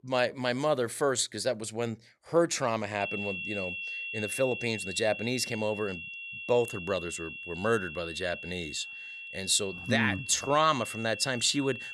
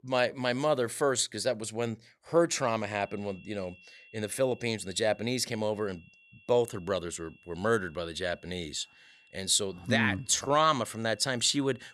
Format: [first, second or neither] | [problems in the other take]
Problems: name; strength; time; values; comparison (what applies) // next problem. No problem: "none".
second | high-pitched whine; loud; from 3 s on; 2.5 kHz, 8 dB below the speech; faint in the second